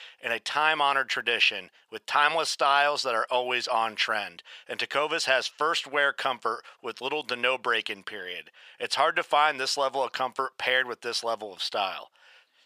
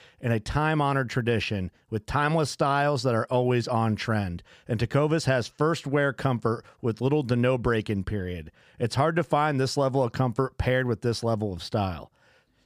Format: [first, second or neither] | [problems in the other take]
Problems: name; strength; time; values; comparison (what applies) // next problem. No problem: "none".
second | thin; very; fading below 800 Hz